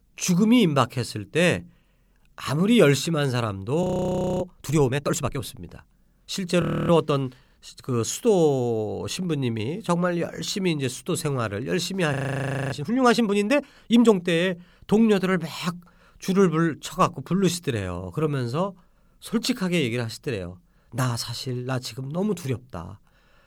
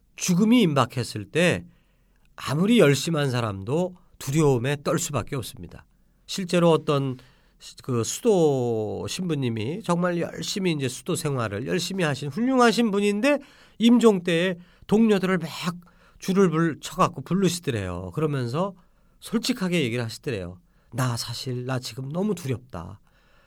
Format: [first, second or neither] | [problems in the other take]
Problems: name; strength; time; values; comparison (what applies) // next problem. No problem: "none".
second | audio freezing; at 4 s for 0.5 s, at 6.5 s and at 12 s for 0.5 s